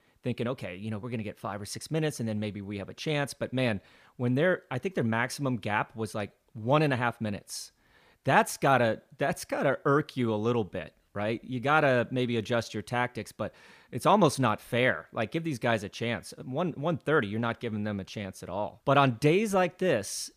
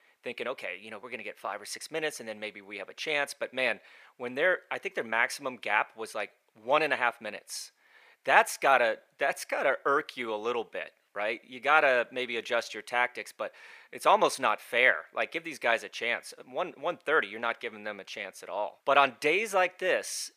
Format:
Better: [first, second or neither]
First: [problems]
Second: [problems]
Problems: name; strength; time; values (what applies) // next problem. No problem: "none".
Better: first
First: none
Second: thin; very; fading below 550 Hz